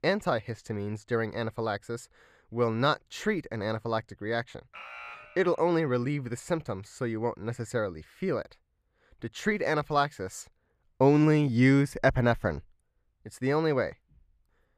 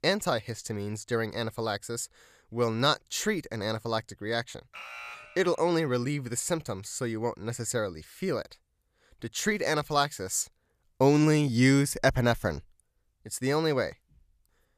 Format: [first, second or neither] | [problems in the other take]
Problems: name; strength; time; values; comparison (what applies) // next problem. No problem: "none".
second | muffled; slightly; fading above 4 kHz